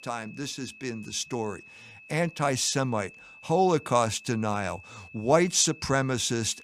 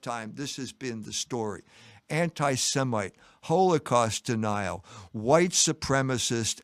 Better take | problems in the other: second | high-pitched whine; faint; throughout; 2.5 kHz, 20 dB below the speech

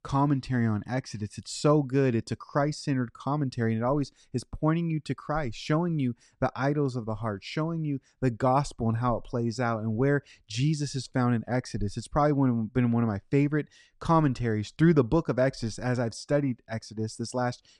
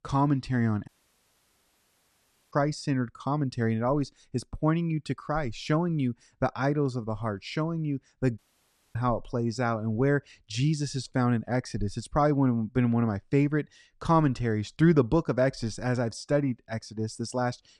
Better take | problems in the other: first | audio cutting out; at 1 s for 1.5 s and at 8.5 s for 0.5 s

